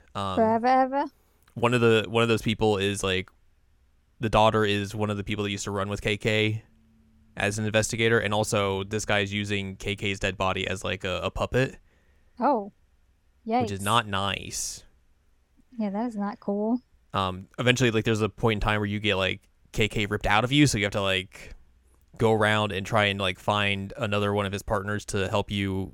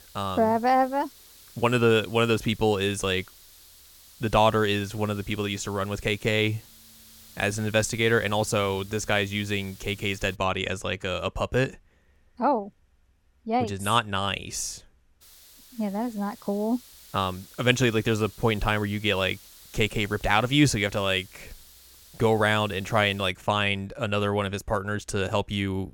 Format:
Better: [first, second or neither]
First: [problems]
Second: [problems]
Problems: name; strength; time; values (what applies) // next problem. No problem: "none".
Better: first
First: none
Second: hiss; faint; until 10 s and from 15 to 23 s; 25 dB below the speech